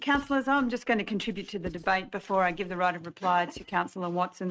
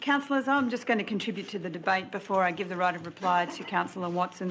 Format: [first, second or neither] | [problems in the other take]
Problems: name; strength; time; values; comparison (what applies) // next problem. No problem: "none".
second | noise reduction (neural mask model RNNoise)